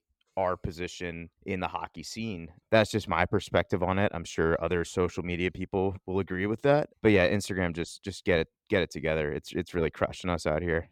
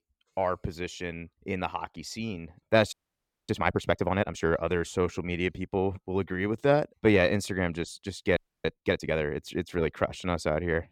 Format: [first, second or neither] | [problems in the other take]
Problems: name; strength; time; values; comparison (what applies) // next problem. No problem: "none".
first | audio freezing; at 3 s for 0.5 s and at 8.5 s